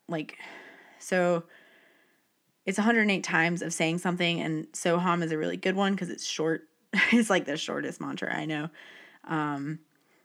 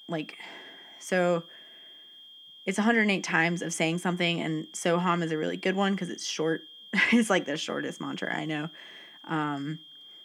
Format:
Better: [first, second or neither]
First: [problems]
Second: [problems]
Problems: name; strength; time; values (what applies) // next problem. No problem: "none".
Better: first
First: none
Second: high-pitched whine; noticeable; throughout; 3 kHz, 20 dB below the speech